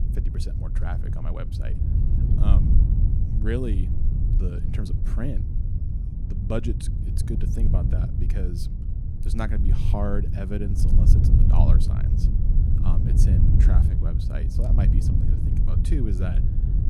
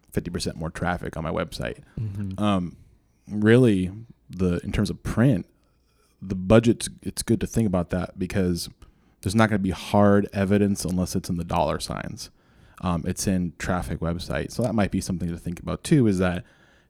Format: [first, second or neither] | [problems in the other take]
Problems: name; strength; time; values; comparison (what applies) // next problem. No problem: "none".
second | low rumble; loud; throughout; 1 dB below the speech